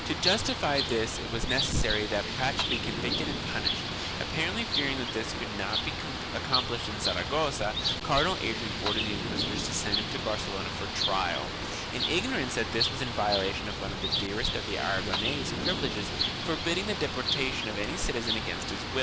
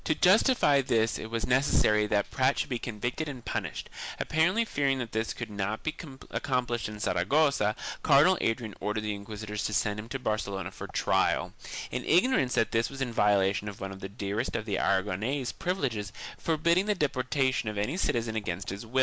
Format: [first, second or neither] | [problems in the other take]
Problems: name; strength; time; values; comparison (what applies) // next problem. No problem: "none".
second | background sound (Bird); as loud as the speech